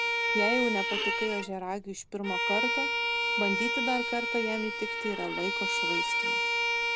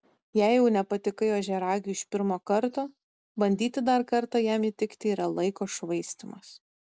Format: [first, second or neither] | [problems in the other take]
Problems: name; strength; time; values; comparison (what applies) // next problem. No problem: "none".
second | background sound (Bowed string instrument); 4 dB above the speech